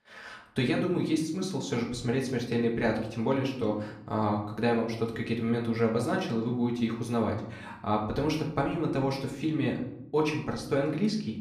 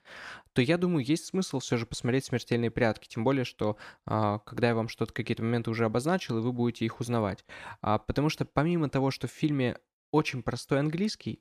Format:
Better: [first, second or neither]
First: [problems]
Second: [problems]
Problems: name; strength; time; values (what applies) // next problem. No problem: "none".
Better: second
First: room echo; slight; dies away in 0.6 s // off-mic speech; far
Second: none